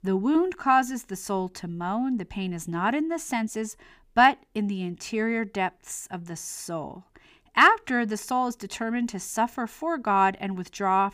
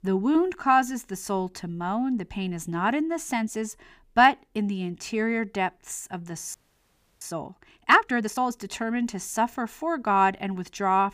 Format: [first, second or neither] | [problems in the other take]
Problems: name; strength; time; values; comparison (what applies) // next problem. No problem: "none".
first | audio freezing; at 6.5 s for 0.5 s